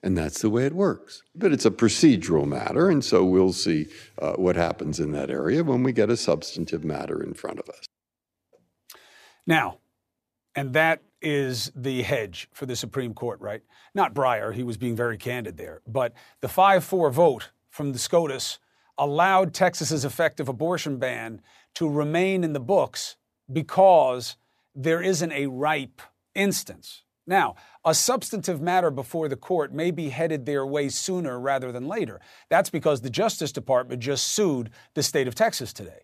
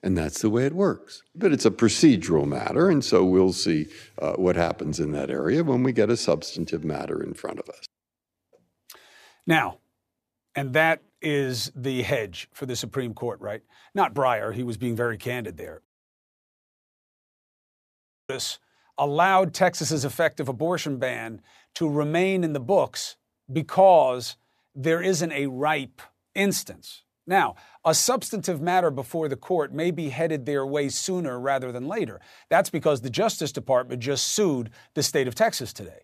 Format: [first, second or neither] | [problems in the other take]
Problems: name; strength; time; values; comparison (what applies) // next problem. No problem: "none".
first | audio cutting out; at 16 s for 2.5 s